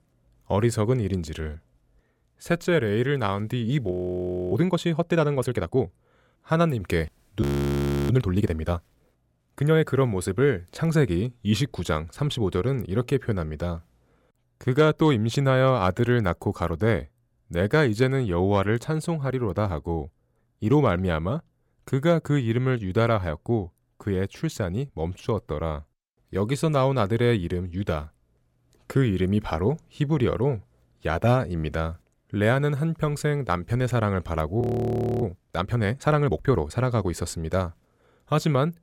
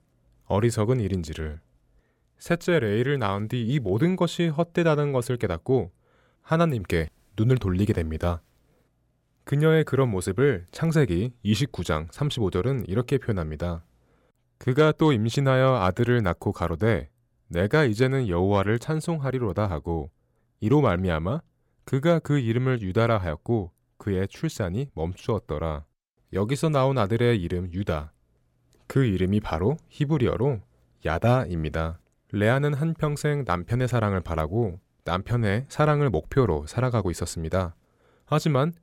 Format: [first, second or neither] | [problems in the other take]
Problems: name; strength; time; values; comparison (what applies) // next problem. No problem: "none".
second | audio freezing; at 4 s for 0.5 s, at 7.5 s for 0.5 s and at 35 s for 0.5 s